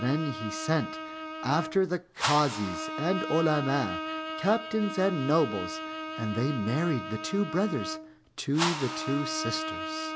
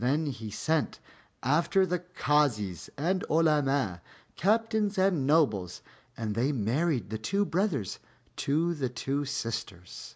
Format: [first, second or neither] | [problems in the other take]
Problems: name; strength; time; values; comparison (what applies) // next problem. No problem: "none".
second | background sound (Bowed string instrument + Whoosh, swoosh, swish); 6 dB below the speech